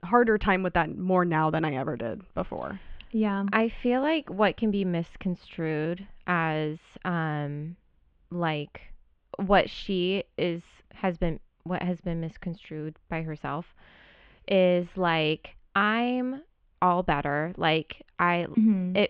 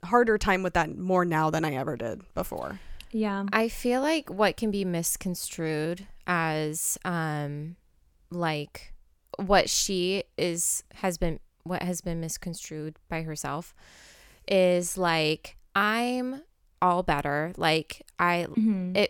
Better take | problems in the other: second | muffled; very; fading above 3.5 kHz

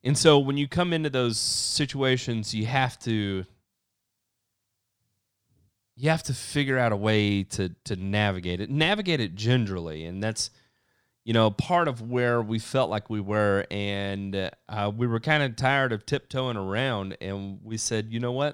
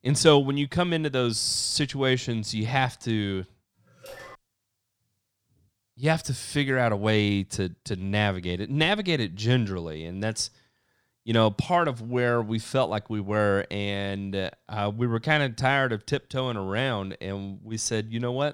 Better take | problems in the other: first | phone ringing; faint; at 4 s; peak 15 dB below the speech

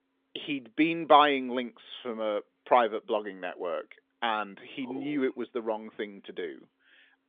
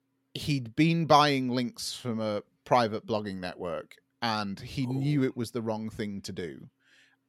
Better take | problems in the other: second | phone-call audio; nothing above 3.5 kHz

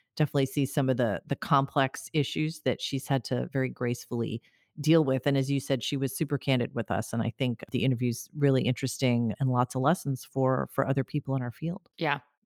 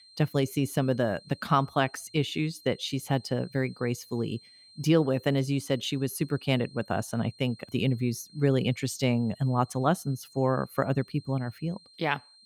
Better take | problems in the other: first | high-pitched whine; faint; throughout; 4 kHz, 25 dB below the speech

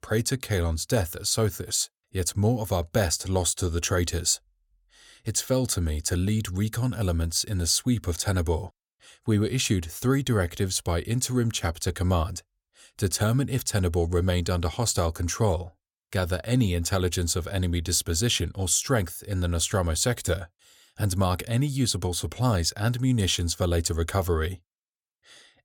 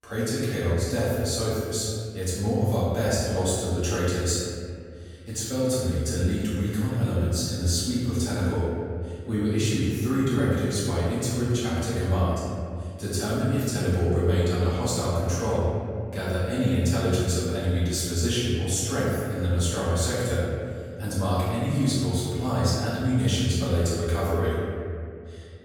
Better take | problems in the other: first | off-mic speech; far // room echo; strong; dies away in 2.2 s

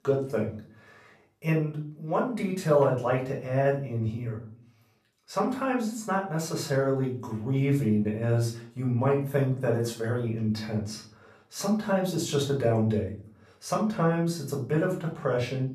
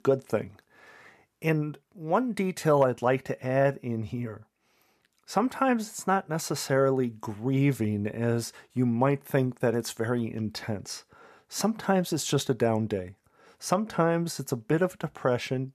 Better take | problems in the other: second | off-mic speech; far // room echo; slight; dies away in 0.4 s

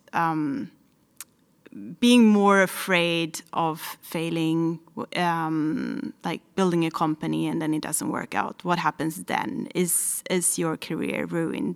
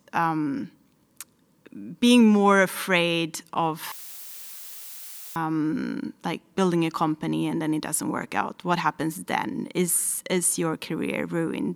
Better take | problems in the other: first | audio cutting out; filled with static; at 4 s for 1.5 s

